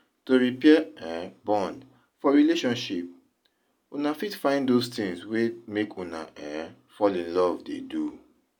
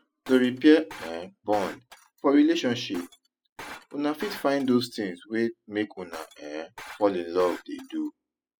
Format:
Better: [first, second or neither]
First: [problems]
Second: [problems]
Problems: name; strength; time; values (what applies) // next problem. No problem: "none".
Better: first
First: none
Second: noise reduction (classical method spectral subtraction)